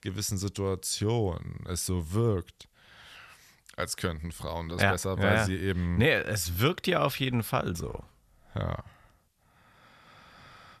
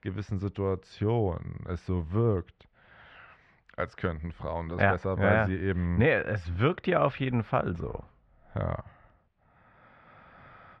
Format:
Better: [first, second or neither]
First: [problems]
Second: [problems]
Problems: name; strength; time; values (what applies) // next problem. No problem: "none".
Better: first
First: none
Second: muffled; very; fading above 2 kHz